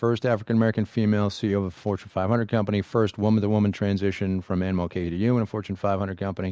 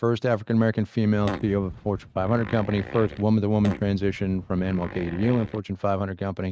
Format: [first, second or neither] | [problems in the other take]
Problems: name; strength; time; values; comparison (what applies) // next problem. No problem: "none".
first | noise reduction (neural mask model RNNoise)